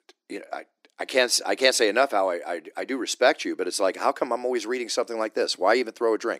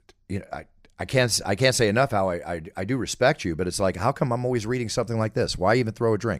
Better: second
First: thin; somewhat; fading below 300 Hz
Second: none

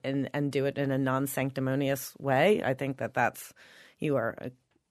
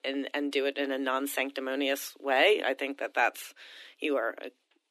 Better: first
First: none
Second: thin; very slightly; fading below 300 Hz

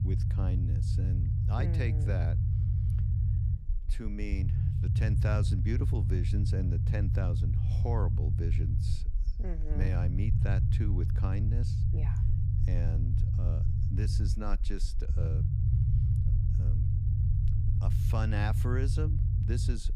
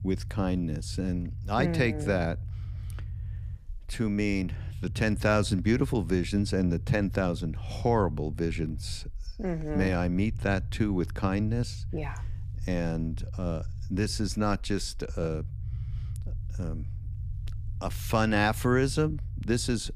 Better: second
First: low rumble; loud; throughout; 2 dB below the speech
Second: low rumble; faint; throughout; 20 dB below the speech

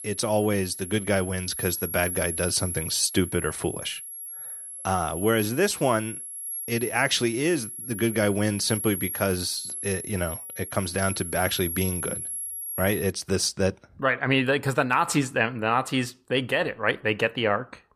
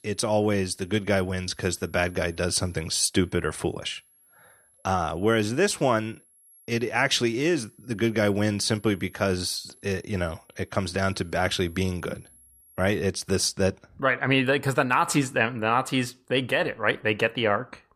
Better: second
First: high-pitched whine; loud; until 13 s; 11 kHz, 6 dB below the speech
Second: high-pitched whine; faint; until 13 s; 11 kHz, 30 dB below the speech

